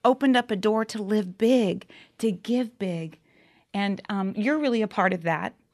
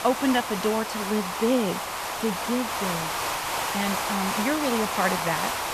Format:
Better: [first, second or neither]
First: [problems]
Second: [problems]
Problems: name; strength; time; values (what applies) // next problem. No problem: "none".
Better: first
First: none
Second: hiss; loud; throughout; as loud as the speech